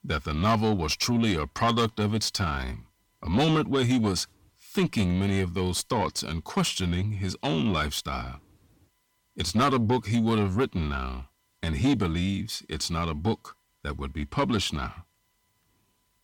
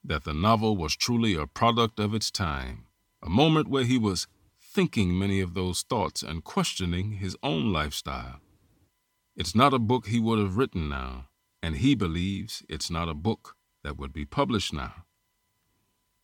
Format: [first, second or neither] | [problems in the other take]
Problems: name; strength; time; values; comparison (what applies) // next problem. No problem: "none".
second | distortion; slight; 10 dB below the speech